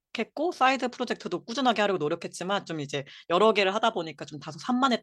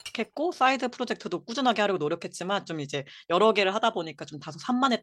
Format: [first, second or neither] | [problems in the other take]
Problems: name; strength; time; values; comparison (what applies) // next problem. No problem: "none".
first | clattering dishes; faint; at the start; peak 15 dB below the speech